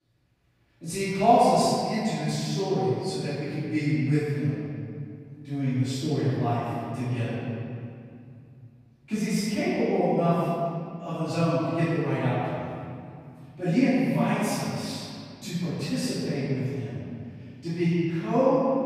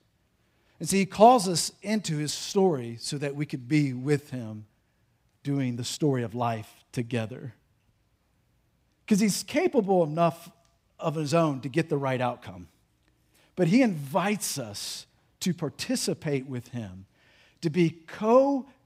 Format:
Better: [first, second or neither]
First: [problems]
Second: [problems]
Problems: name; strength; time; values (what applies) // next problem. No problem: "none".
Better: second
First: off-mic speech; far // room echo; strong; dies away in 2.4 s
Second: none